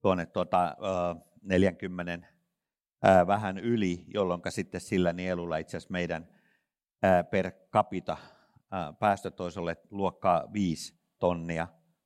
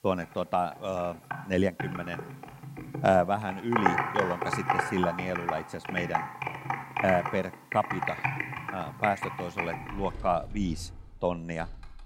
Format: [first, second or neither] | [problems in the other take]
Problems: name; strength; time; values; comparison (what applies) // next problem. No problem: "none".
first | household noises; loud; throughout; 2 dB below the speech